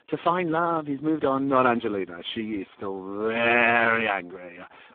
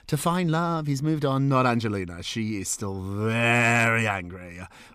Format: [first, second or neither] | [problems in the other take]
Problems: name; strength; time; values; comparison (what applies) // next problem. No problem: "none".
second | phone-call audio; poor line